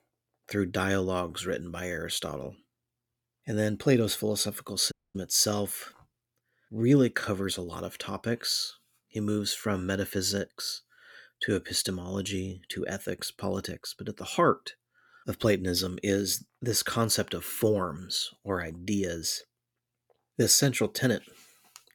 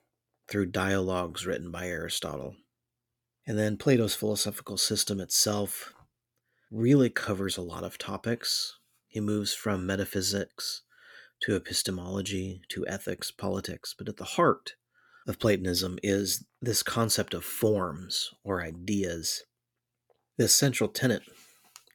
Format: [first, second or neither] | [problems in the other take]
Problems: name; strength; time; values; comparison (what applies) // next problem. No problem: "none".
second | audio cutting out; at 5 s